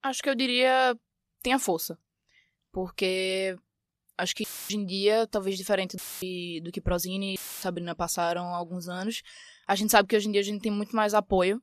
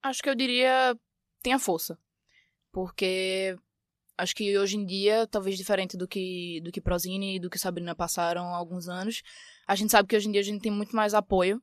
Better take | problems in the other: second | audio cutting out; filled with static; at 4.5 s, at 6 s and at 7.5 s

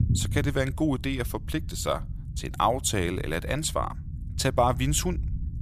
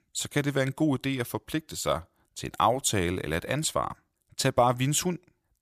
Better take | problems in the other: second | low rumble; faint; throughout; 20 dB below the speech

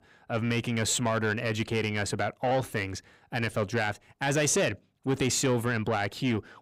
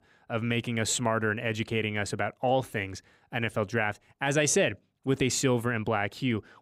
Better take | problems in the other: second | distortion; slight; 10 dB below the speech

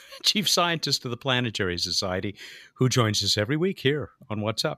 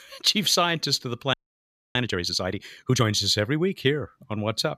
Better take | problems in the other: first | audio freezing; at 1.5 s for 0.5 s

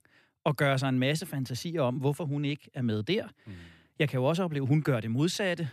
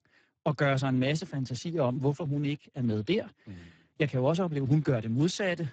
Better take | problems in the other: first | garbled, watery; badly; nothing above 7.5 kHz

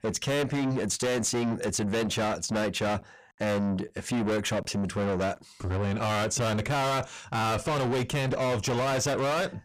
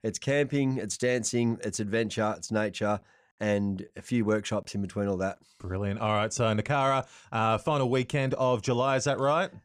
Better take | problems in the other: second | distortion; heavy; 6 dB below the speech

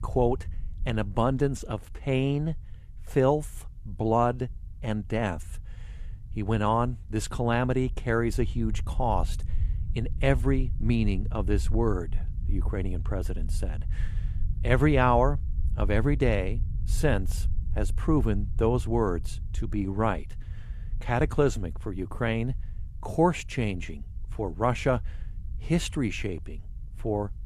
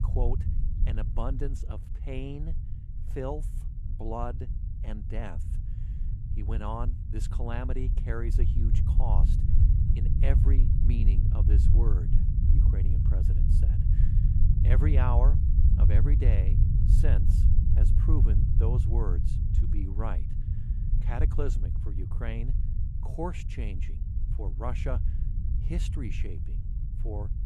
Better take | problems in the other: first | low rumble; loud; throughout; 4 dB below the speech; faint in the first

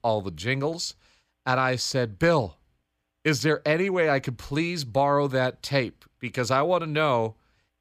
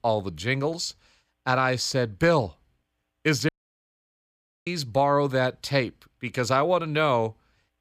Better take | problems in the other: first | audio cutting out; at 3.5 s for 1 s

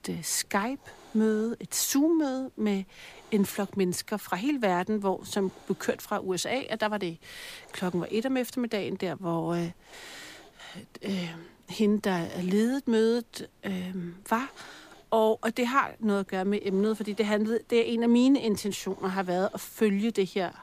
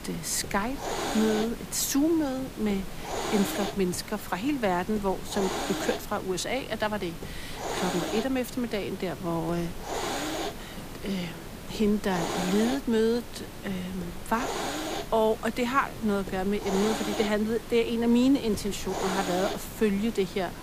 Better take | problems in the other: first | hiss; loud; throughout; 7 dB below the speech; faint in the first

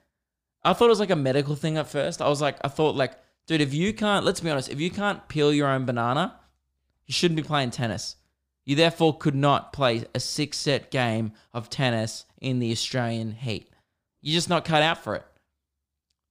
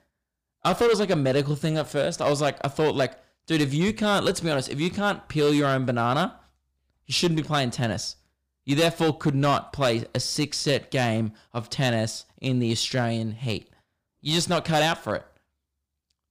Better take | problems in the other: first | distortion; slight; 5% of the sound clipped

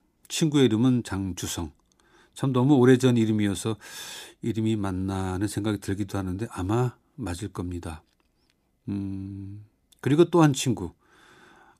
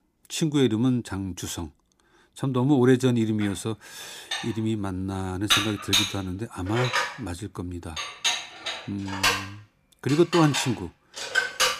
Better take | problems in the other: first | clattering dishes; loud; from 4.5 s on; peak 5 dB above the speech

